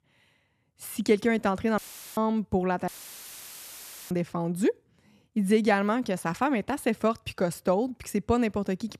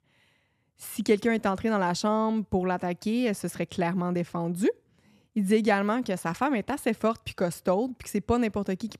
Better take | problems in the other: second | audio cutting out; filled with static; at 2 s and at 3 s for 1 s

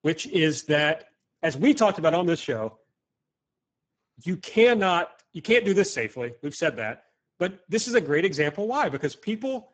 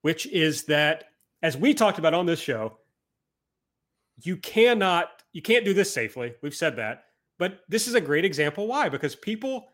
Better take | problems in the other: second | garbled, watery; badly; nothing above 7.5 kHz

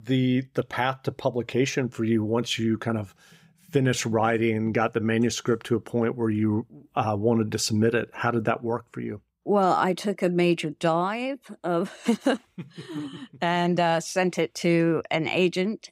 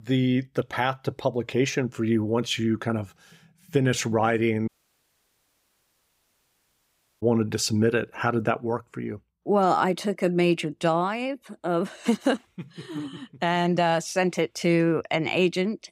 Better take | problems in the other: first | audio cutting out; at 4.5 s for 2.5 s

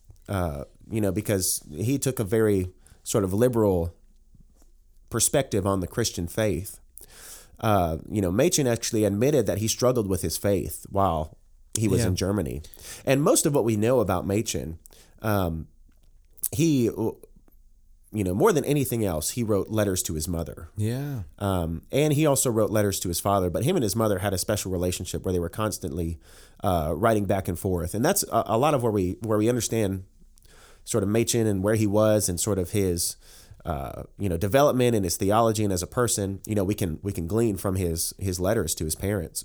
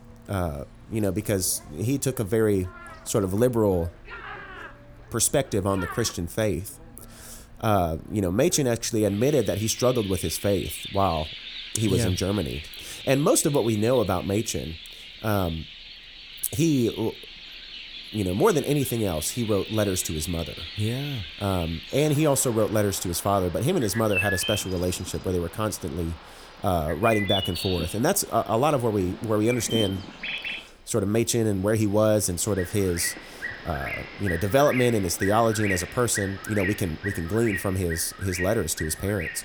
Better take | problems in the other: first | animal sounds; loud; throughout; 10 dB below the speech

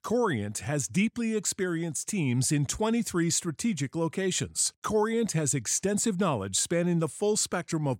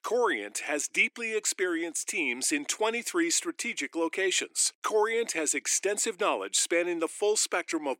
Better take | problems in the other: first | thin; very; fading below 300 Hz

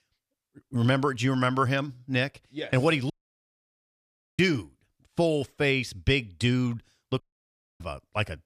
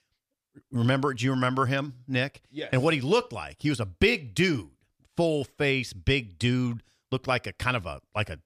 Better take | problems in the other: second | audio cutting out; at 3 s for 1.5 s and at 7 s for 0.5 s

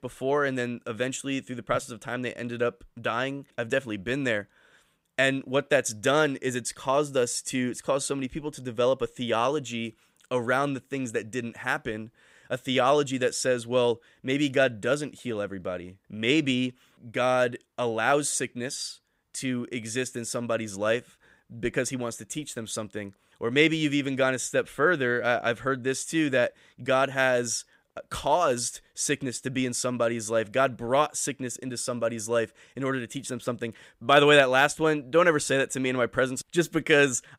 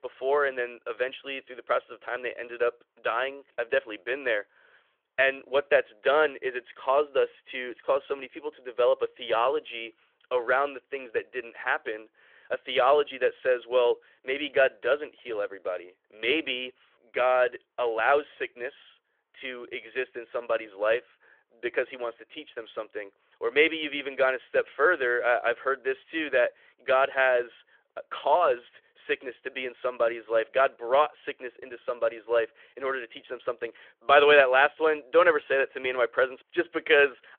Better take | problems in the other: first | phone-call audio; nothing above 3.5 kHz

